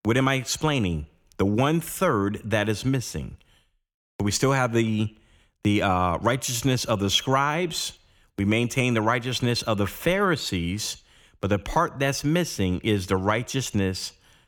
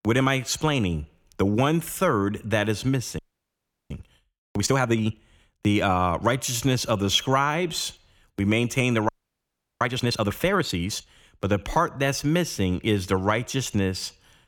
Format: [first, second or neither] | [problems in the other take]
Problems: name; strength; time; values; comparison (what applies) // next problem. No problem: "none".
first | audio freezing; at 3 s for 0.5 s and at 9 s for 0.5 s